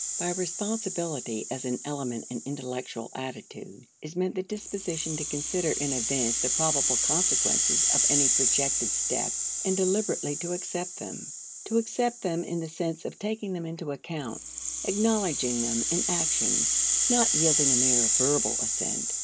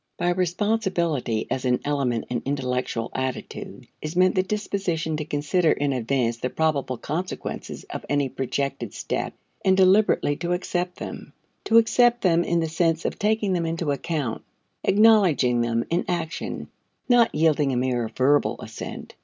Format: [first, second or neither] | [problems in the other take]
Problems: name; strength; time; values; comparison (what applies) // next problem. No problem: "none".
second | background sound (Rattle (instrument)); 3 dB above the speech